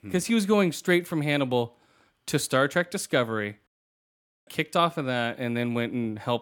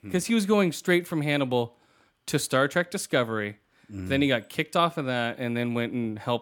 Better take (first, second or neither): second